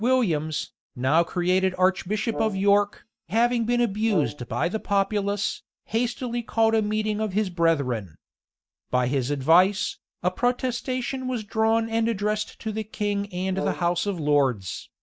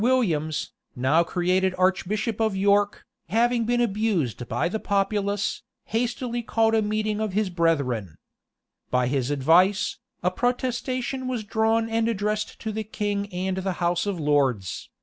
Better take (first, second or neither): second